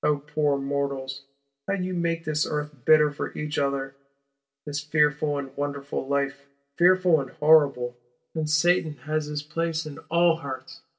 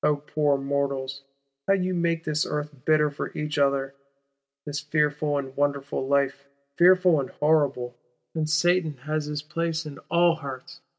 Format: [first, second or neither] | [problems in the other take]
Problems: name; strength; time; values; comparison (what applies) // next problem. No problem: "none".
second | room echo; dies away in 0.2 s